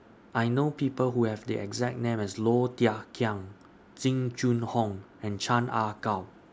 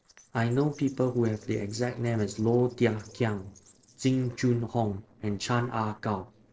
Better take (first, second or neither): first